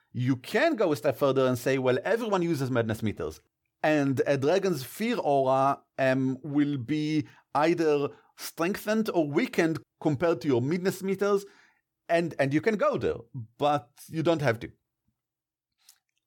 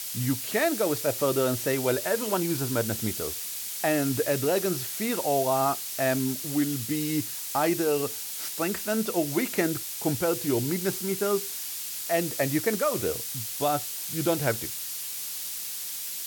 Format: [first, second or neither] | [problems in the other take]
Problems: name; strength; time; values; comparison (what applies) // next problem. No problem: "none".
first | hiss; loud; throughout; 3 dB below the speech